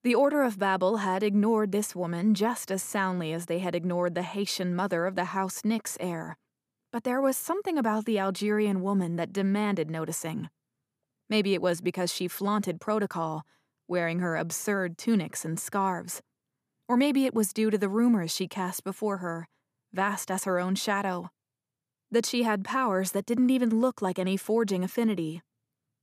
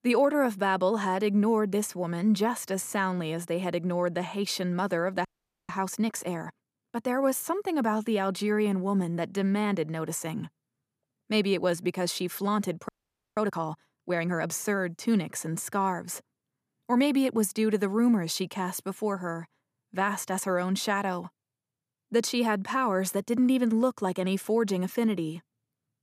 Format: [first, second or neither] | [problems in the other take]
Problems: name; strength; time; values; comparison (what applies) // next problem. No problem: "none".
first | audio freezing; at 5.5 s and at 13 s